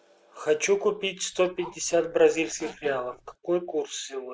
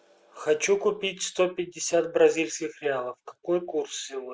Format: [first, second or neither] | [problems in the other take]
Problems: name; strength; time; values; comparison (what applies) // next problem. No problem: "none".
second | background sound (Zipper (clothing)); 19 dB below the speech